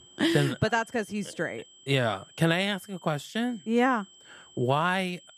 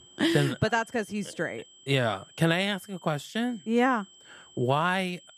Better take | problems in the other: neither | high-pitched whine; faint; throughout; 3 kHz, 25 dB below the speech; the same in both

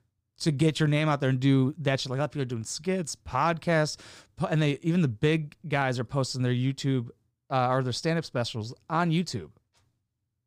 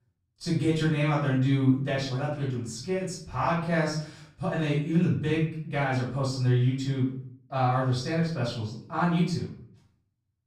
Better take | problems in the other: first | off-mic speech; far // room echo; noticeable; dies away in 0.5 s

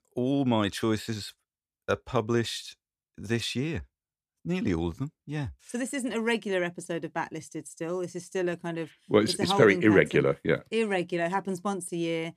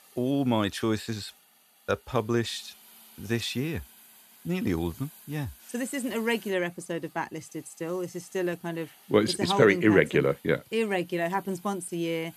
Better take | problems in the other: first | hiss; faint; throughout; 25 dB below the speech

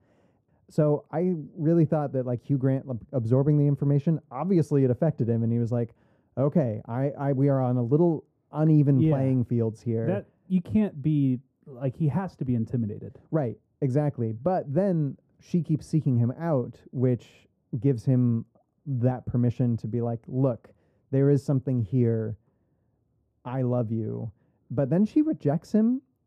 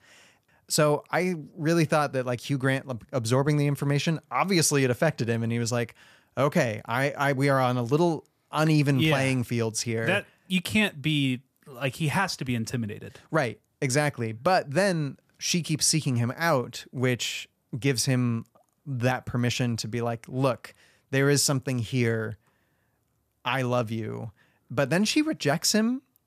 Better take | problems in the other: second | muffled; very; fading above 1 kHz

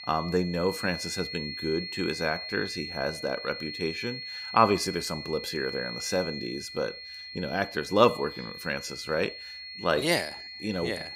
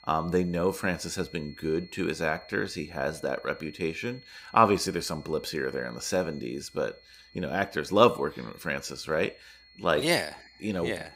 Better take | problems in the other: second | high-pitched whine; loud; throughout; 4.5 kHz, 8 dB below the speech; faint in the second

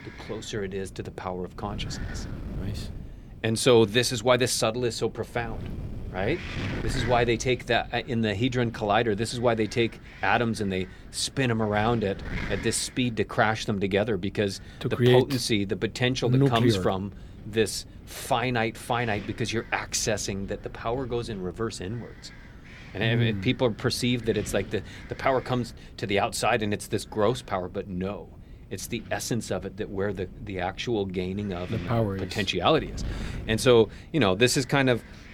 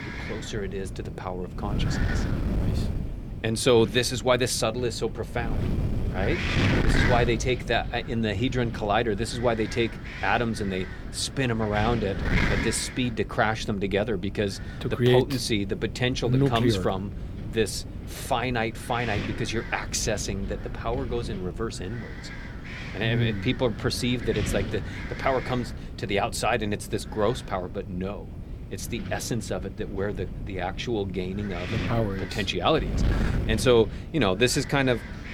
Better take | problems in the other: first | wind noise on the microphone; heavy; 8 dB below the speech; occasional gusts in the first

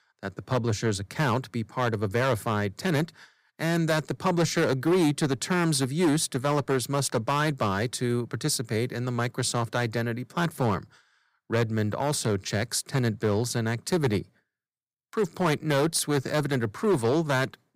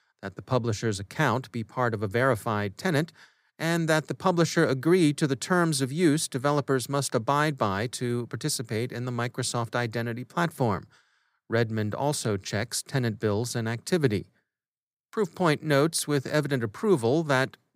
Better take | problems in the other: second | distortion; slight; 5% of the sound clipped

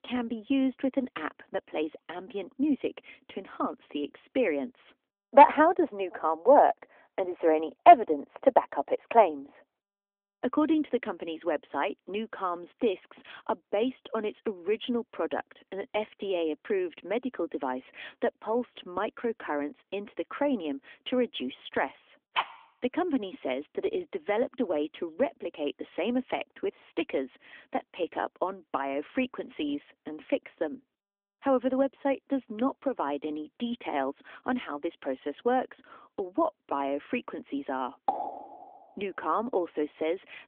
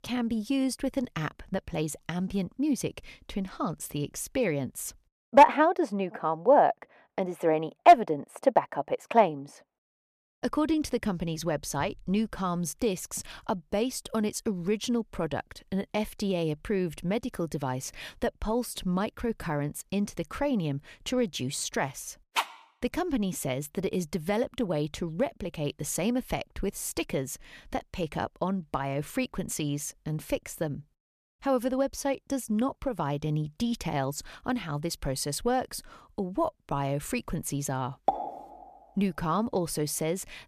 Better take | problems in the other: second | phone-call audio; nothing above 3.5 kHz

